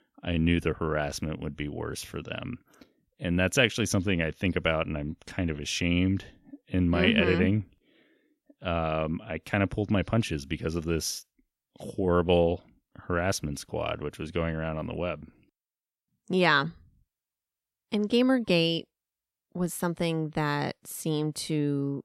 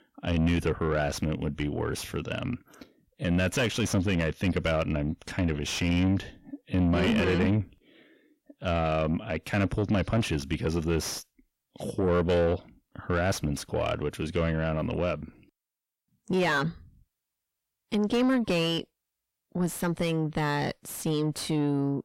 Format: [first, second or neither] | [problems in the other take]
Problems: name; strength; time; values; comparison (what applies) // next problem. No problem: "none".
first | distortion; heavy; 7 dB below the speech